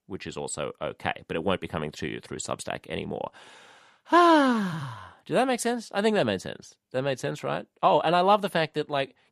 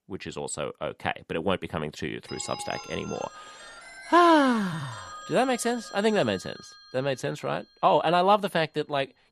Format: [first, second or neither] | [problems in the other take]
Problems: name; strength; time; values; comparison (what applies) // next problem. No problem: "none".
first | phone ringing; faint; from 2.5 to 7.5 s; peak 10 dB below the speech